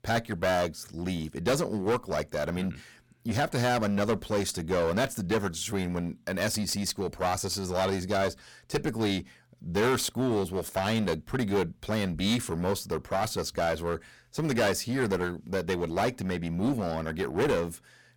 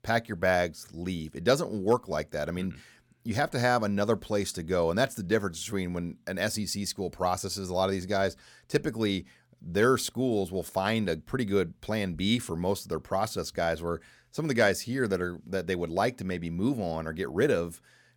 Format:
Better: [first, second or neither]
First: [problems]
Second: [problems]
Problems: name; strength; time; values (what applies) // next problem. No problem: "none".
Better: second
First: distortion; heavy; 12% of the sound clipped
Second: none